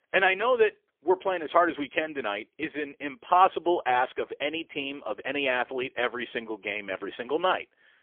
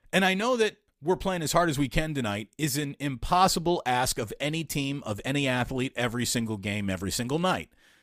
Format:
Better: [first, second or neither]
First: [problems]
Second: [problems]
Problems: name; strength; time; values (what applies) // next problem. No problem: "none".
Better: second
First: phone-call audio; poor line; nothing above 3.5 kHz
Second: none